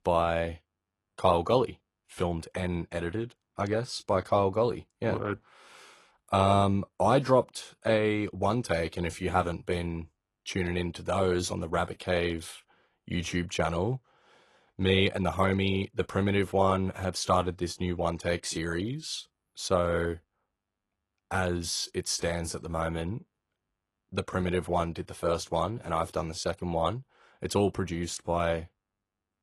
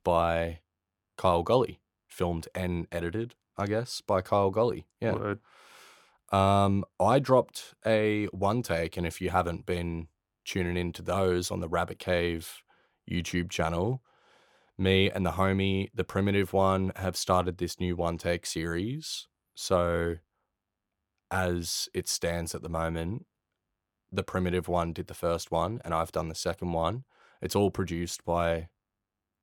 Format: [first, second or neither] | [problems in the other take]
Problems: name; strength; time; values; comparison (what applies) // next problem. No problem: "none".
second | garbled, watery; slightly; nothing above 11.5 kHz